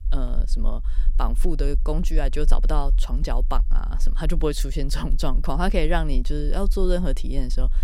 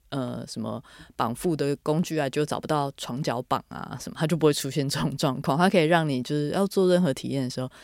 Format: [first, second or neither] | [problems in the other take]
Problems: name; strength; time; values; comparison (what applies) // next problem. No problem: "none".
second | low rumble; faint; throughout; 25 dB below the speech